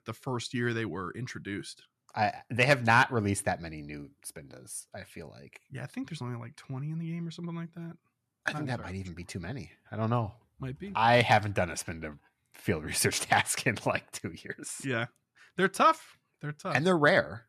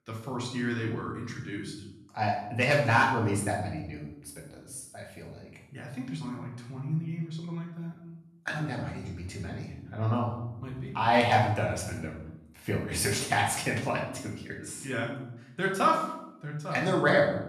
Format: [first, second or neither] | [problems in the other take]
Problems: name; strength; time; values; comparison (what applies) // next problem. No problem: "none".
first | room echo; noticeable; dies away in 0.8 s // off-mic speech; far